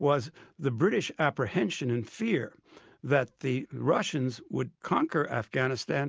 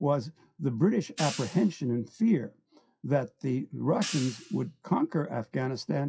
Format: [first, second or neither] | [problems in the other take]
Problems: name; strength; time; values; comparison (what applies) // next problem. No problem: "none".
first | noise reduction (classical method WPE with log-MMSE)